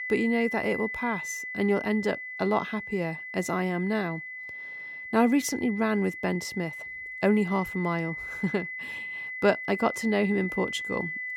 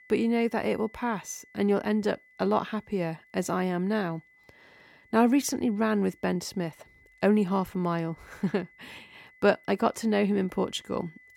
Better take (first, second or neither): second